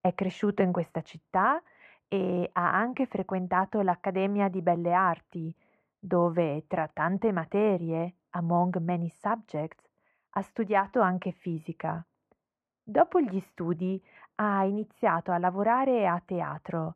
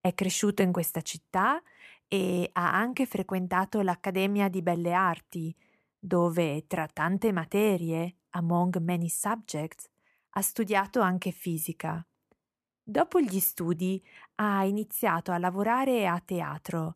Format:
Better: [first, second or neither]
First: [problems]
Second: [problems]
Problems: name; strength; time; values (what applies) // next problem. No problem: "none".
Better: second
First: muffled; very; fading above 1.5 kHz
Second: none